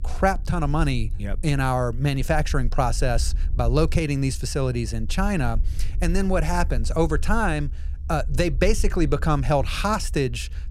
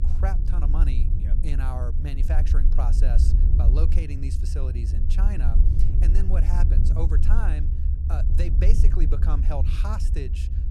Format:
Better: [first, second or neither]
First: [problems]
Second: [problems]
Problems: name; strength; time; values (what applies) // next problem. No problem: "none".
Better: first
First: low rumble; faint; throughout; 25 dB below the speech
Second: low rumble; loud; throughout; 3 dB below the speech